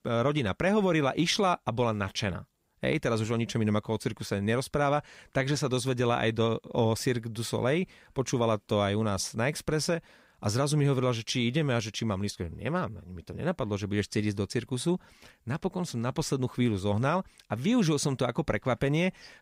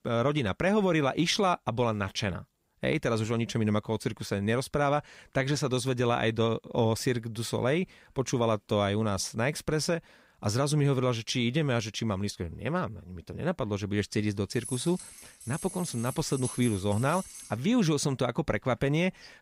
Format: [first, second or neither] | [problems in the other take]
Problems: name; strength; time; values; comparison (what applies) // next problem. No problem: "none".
first | jangling keys; noticeable; from 15 to 18 s; peak 9 dB below the speech